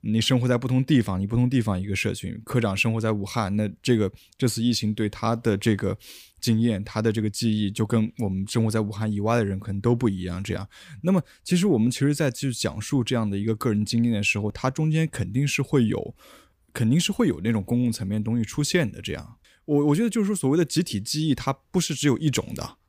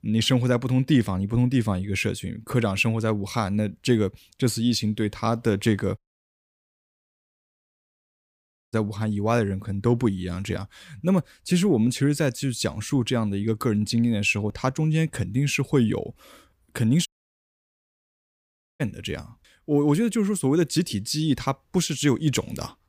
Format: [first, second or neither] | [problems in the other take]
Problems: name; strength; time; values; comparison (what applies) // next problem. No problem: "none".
first | audio cutting out; at 6 s for 2.5 s and at 17 s for 1.5 s